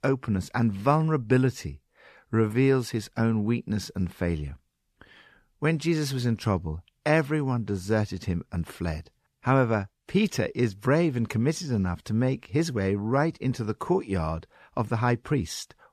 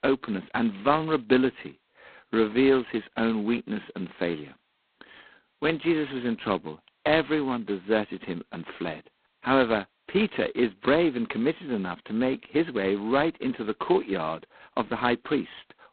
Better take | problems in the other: first | phone-call audio; poor line; nothing above 4 kHz

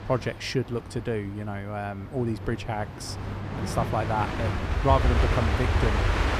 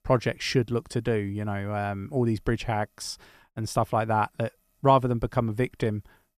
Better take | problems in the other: second | train or aircraft noise; very loud; throughout; 2 dB above the speech

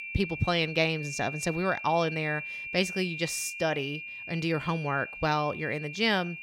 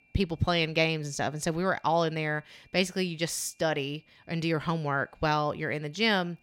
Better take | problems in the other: second | high-pitched whine; loud; throughout; 2.5 kHz, 8 dB below the speech; faint in the second

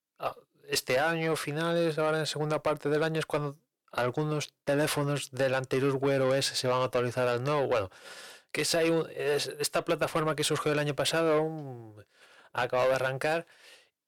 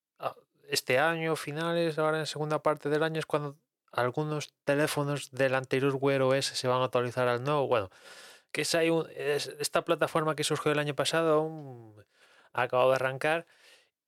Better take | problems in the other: second | distortion; slight; 10 dB below the speech

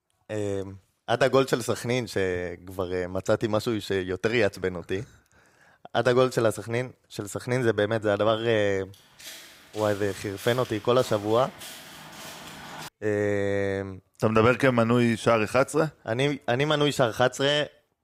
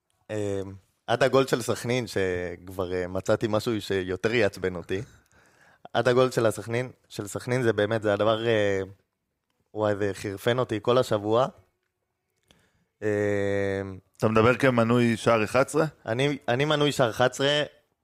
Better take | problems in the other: second | footsteps; faint; from 9 to 13 s; peak 15 dB below the speech

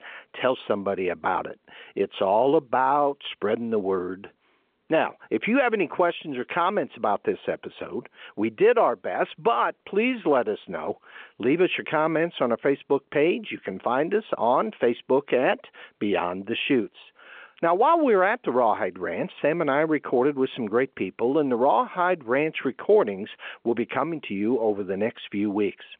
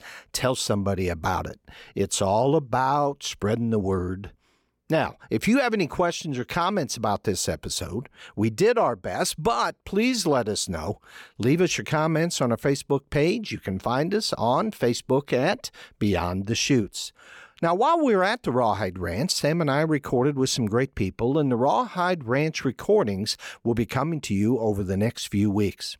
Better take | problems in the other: second | phone-call audio

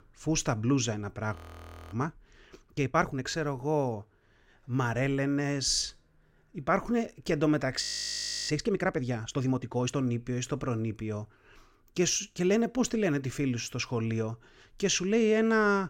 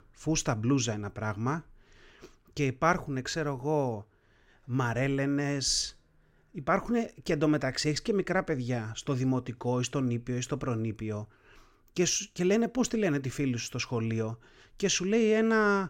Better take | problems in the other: second | audio freezing; at 1.5 s for 0.5 s and at 8 s for 0.5 s

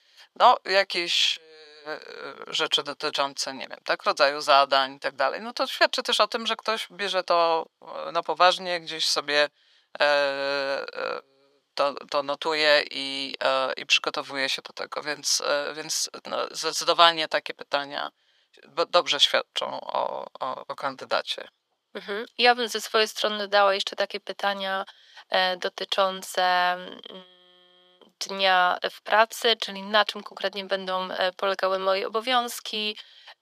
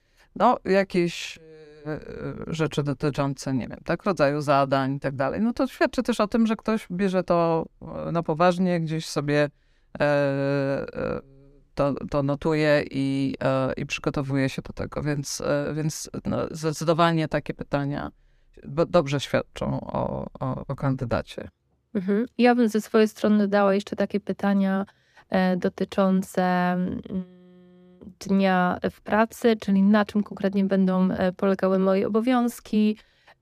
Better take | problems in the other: second | thin; very; fading below 800 Hz

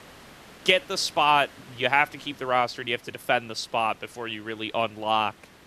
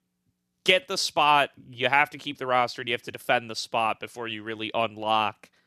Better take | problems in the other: second | hiss; faint; throughout; 25 dB below the speech

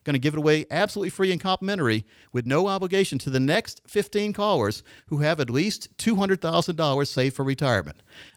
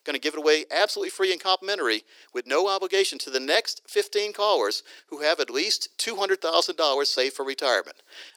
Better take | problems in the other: first | thin; very; fading below 350 Hz

